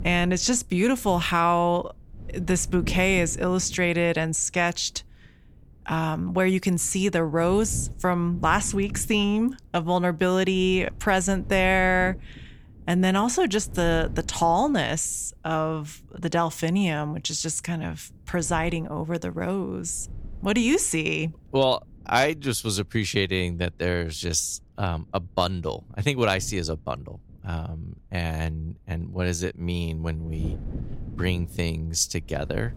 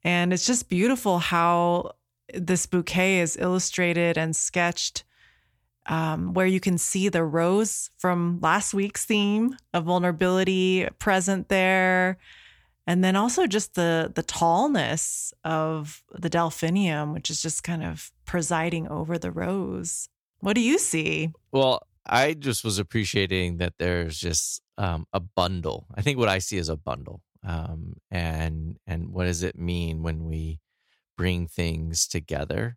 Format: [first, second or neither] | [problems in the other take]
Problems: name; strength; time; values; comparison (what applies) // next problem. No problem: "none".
second | wind noise on the microphone; occasional gusts; 25 dB below the speech